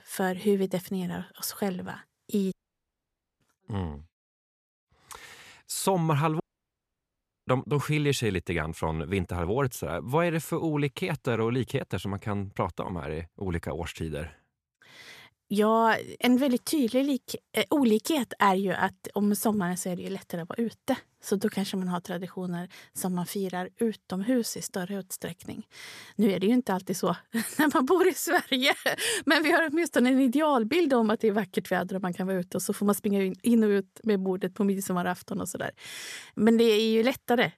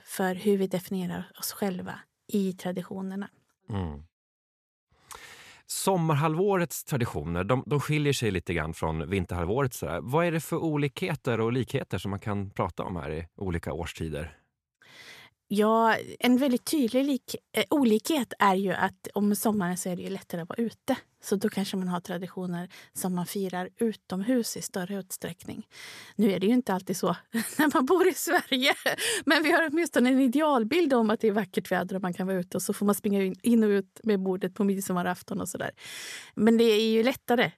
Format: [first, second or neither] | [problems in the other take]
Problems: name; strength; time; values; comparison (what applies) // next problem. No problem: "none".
second | audio cutting out; at 2.5 s for 1 s and at 6.5 s for 1 s